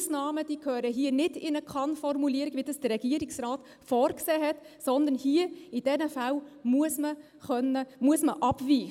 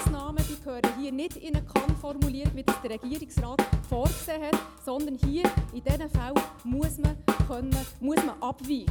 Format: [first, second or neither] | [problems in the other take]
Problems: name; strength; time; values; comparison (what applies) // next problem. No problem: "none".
first | background sound (Drum kit); 5 dB above the speech